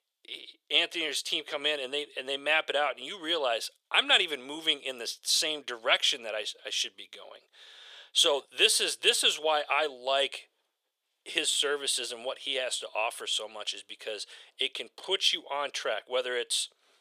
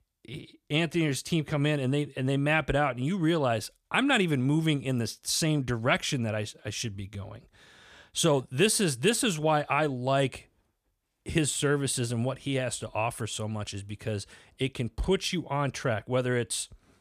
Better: second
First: thin; very; fading below 450 Hz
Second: none

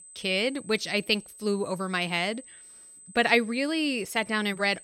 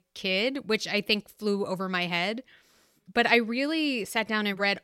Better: second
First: high-pitched whine; noticeable; throughout; 8 kHz, 20 dB below the speech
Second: none

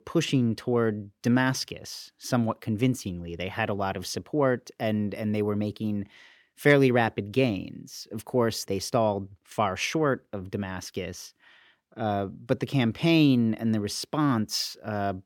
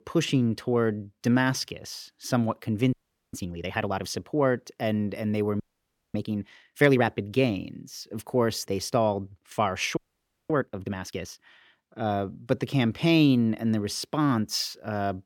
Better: first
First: none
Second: audio freezing; at 3 s, at 5.5 s for 0.5 s and at 10 s for 0.5 s

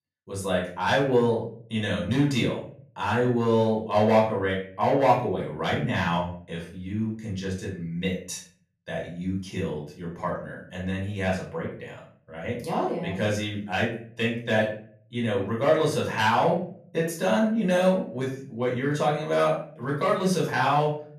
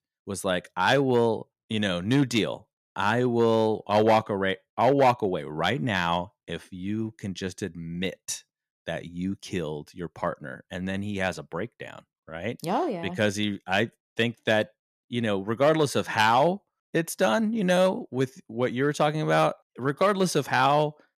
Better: second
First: off-mic speech; far // room echo; slight; dies away in 0.4 s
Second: none

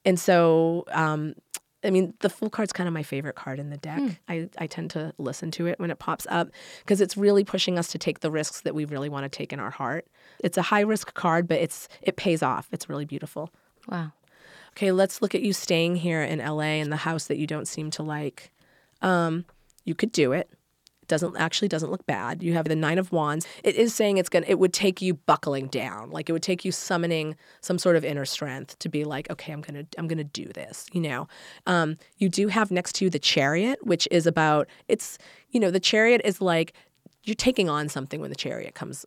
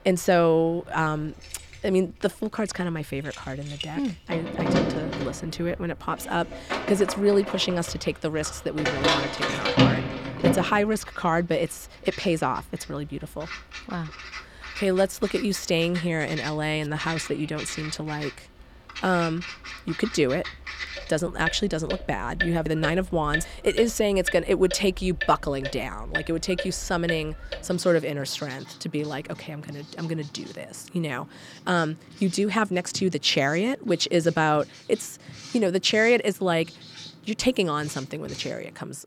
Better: first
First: none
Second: household noises; loud; throughout; 6 dB below the speech

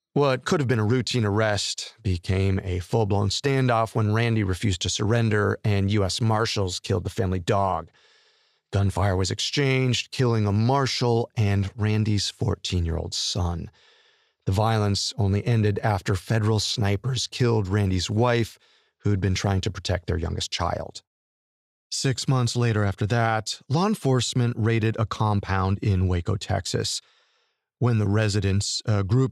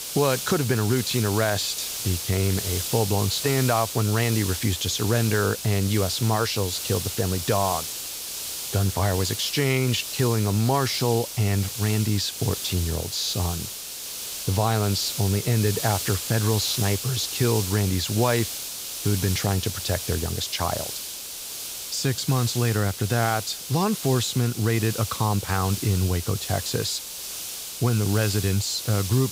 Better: first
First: none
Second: hiss; loud; throughout; 5 dB below the speech

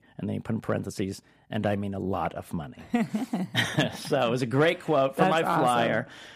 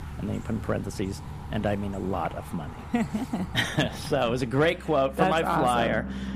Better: first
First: none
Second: traffic noise; noticeable; throughout; 10 dB below the speech

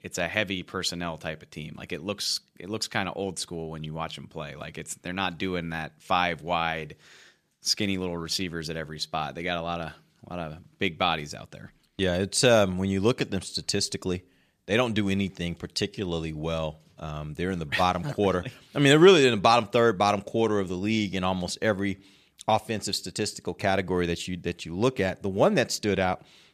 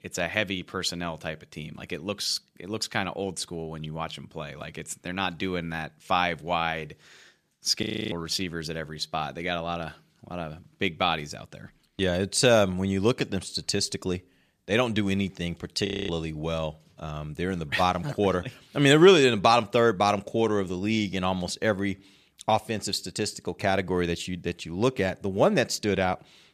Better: first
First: none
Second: audio freezing; at 8 s and at 16 s

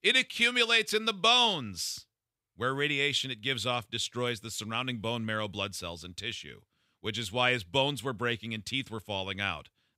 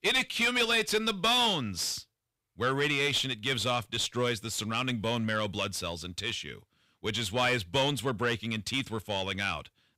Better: first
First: none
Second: distortion; heavy; 7 dB below the speech

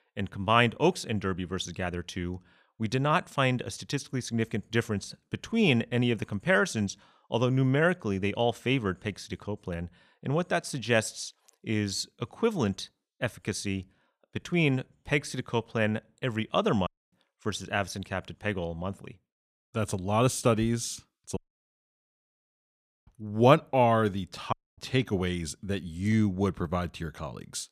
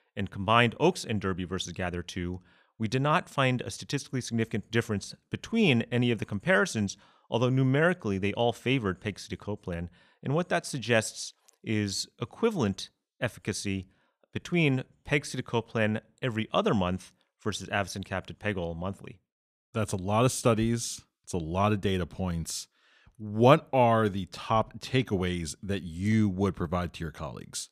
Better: second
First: audio cutting out; at 17 s, at 21 s for 1.5 s and at 25 s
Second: none

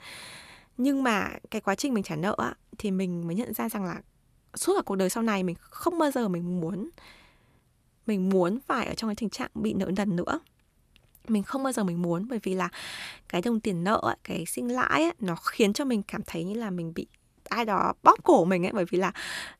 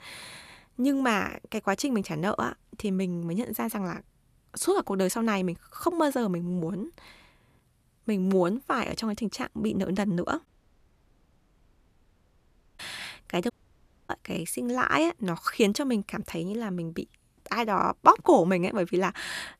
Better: first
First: none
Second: audio cutting out; at 10 s for 2.5 s and at 14 s for 0.5 s

